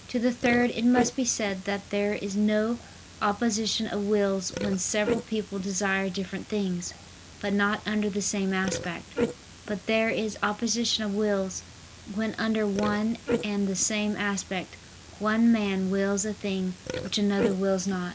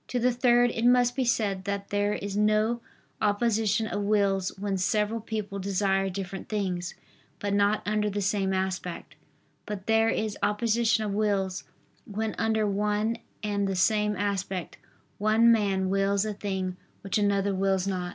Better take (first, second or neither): second